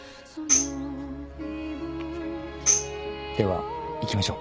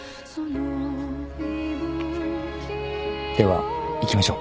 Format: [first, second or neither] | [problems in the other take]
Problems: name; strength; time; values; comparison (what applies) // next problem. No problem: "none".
second | background sound (Tambourine); 2 dB above the speech